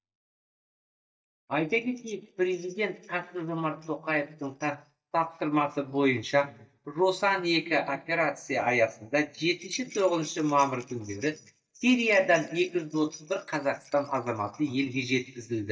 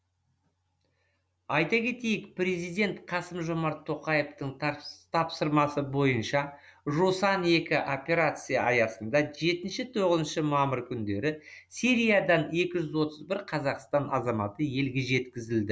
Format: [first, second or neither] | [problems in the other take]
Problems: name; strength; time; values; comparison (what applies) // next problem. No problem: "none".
second | noise reduction (neural mask model DeepFilterNet 3)